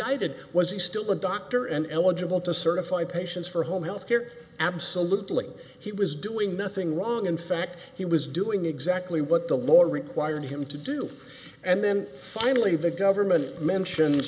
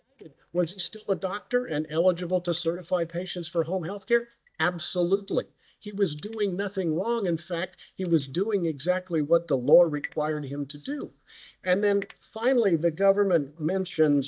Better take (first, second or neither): first